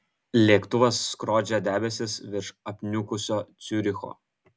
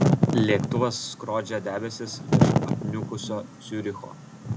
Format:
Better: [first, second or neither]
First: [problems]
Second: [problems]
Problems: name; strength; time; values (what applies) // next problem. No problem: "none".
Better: first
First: none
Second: background sound (Wind / Fire); 4 dB above the speech